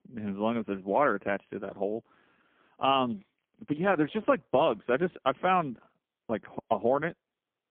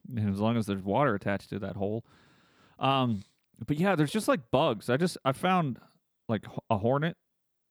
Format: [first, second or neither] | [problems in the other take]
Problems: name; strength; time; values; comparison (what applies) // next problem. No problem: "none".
second | phone-call audio; poor line; nothing above 3.5 kHz